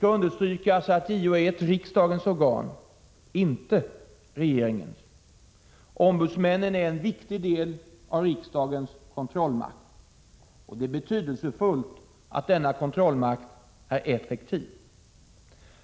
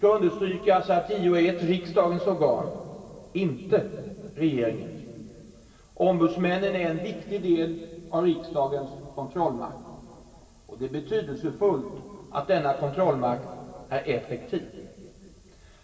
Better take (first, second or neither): first